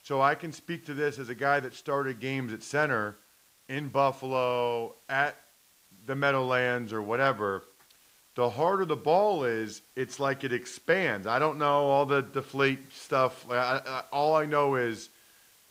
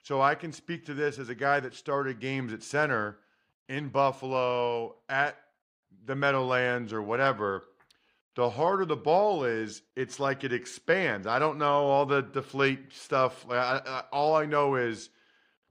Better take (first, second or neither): second